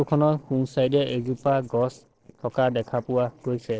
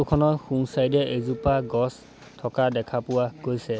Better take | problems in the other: second | noise reduction (neural separator model SepFormer DNS4)

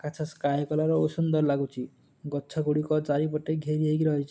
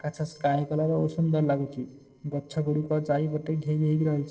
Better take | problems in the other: first | noise reduction (neural separator model SepFormer DNS4)

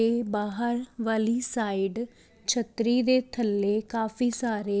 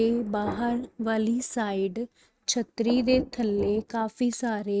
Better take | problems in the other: first | noise reduction (neural mask model RNNoise)

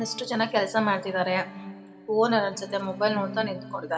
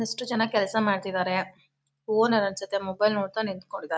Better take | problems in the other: second | background sound (Bowed string instrument); 15 dB below the speech // room echo; dies away in 1.6 s

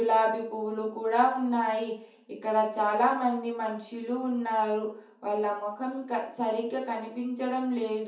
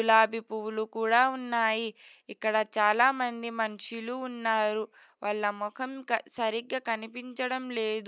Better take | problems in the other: second | room echo; dies away in 0.6 s

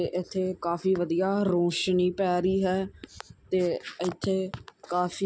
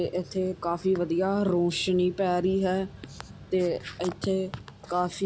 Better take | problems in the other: first | background sound (Mechanical fan); 20 dB below the speech

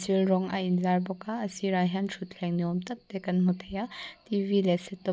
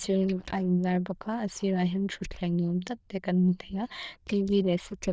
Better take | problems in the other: first | noise reduction (neural diffusion model UNIVERSE++)

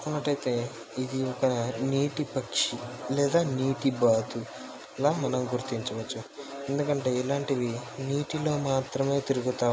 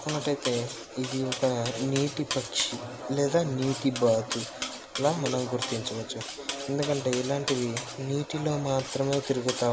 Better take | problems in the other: first | background sound (Cutlery, silverware); 10 dB below the speech

